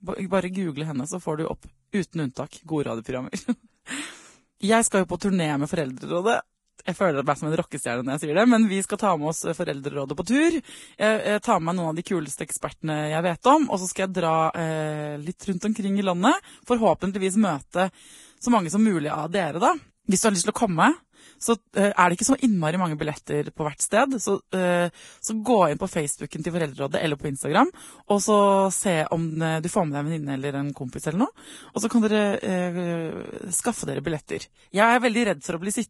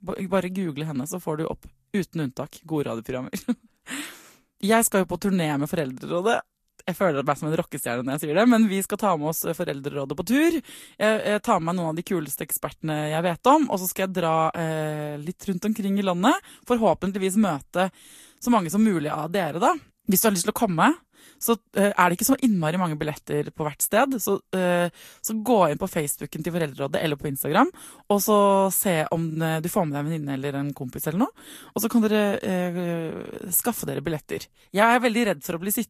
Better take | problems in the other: second | garbled, watery; badly; nothing above 11 kHz; slightly in the second

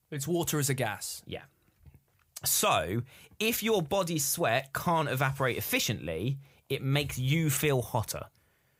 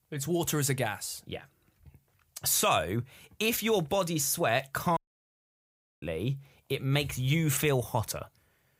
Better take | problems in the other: first | audio cutting out; at 5 s for 1 s

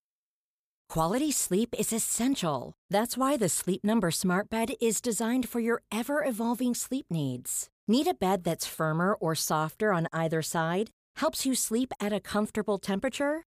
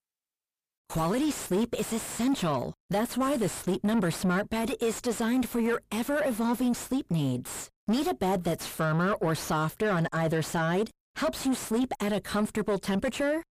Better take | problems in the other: first | distortion; heavy; 7 dB below the speech

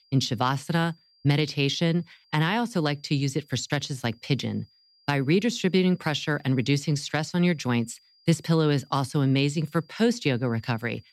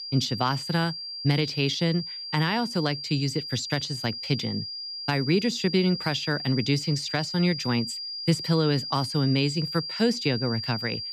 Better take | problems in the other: first | high-pitched whine; loud; throughout; 5 kHz, 6 dB below the speech; faint in the first

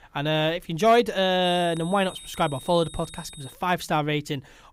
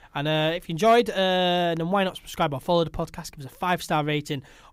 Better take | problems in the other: second | high-pitched whine; noticeable; from 1.5 to 3.5 s; 3.5 kHz, 15 dB below the speech

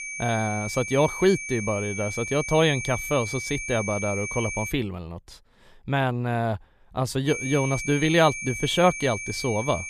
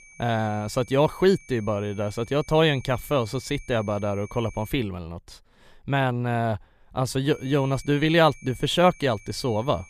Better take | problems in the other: second | high-pitched whine; loud; until 4.5 s and from 7.5 s on; 2.5 kHz, 6 dB below the speech; faint in the second

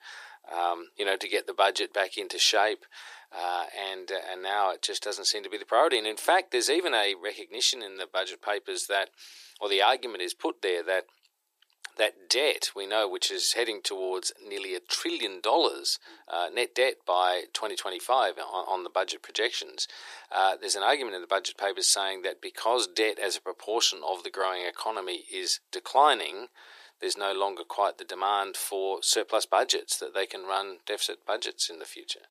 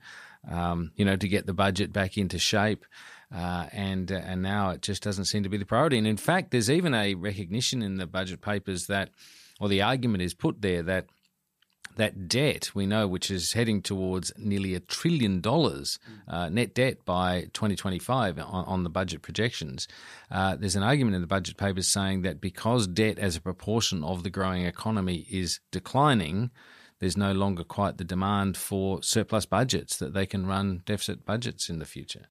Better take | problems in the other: second | thin; very; fading below 350 Hz

